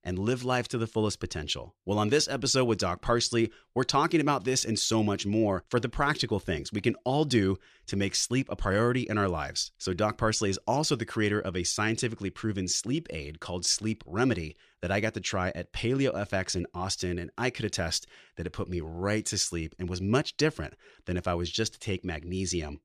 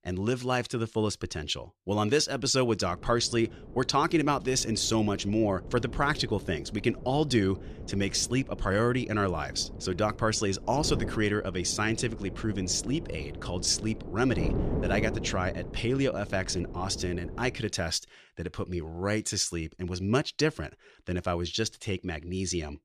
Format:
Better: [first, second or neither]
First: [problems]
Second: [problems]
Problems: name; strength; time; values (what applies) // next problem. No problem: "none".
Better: first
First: none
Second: wind noise on the microphone; occasional gusts; from 3 to 18 s; 15 dB below the speech